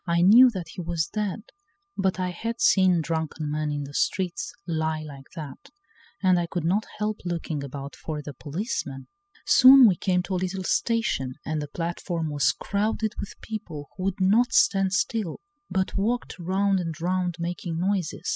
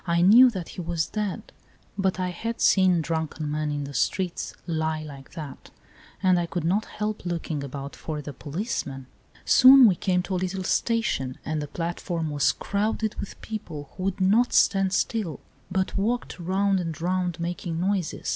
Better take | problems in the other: second | noise reduction (classical method spectral subtraction)

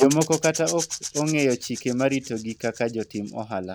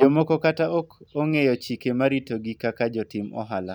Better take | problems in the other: second | background sound (Rattle / Rattle (instrument)); 11 dB below the speech

